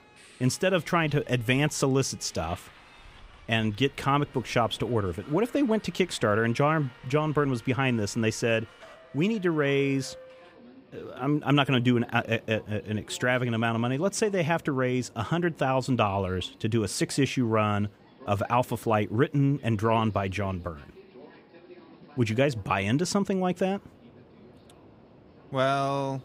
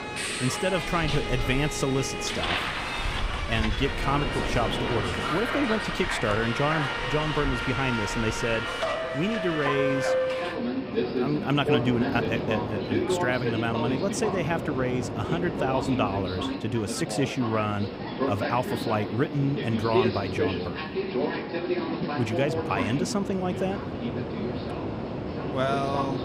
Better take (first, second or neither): first